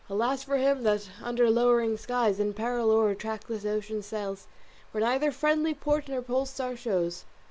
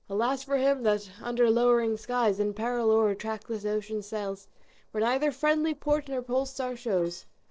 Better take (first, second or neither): first